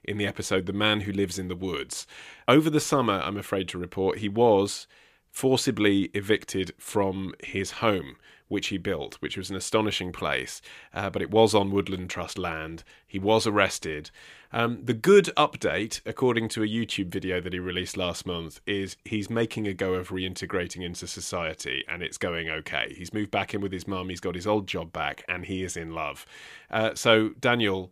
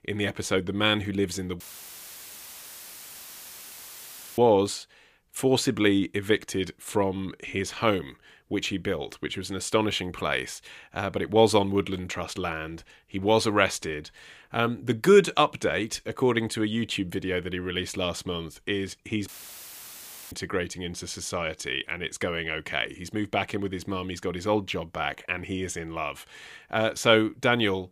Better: first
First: none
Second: audio cutting out; filled with static; at 1.5 s for 3 s and at 19 s for 1 s

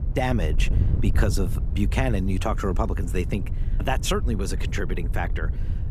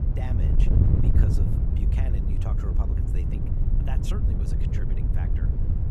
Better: first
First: wind noise on the microphone; occasional gusts; 15 dB below the speech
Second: wind noise on the microphone; heavy; 5 dB above the speech

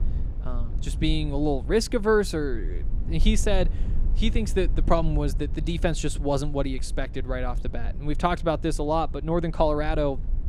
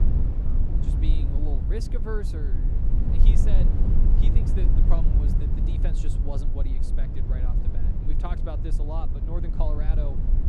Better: first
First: low rumble; faint; throughout; 20 dB below the speech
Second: low rumble; loud; throughout; 1 dB below the speech

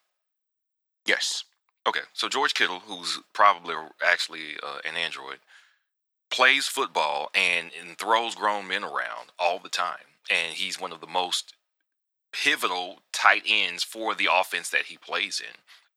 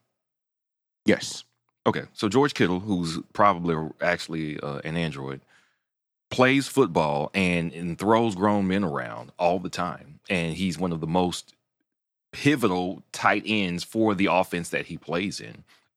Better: second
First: thin; very; fading below 900 Hz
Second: none

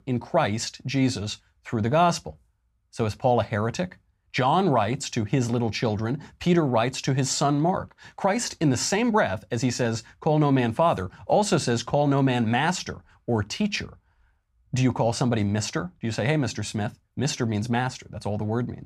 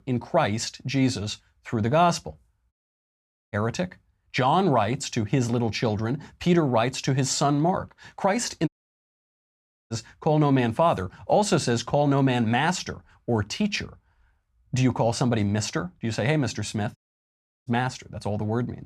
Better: first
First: none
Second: audio cutting out; at 2.5 s for 1 s, at 8.5 s for 1 s and at 17 s for 0.5 s

